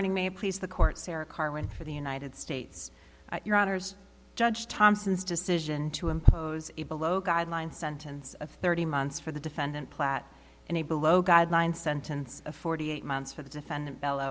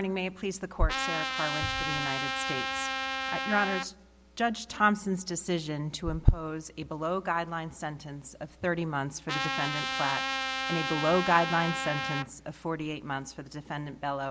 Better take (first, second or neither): first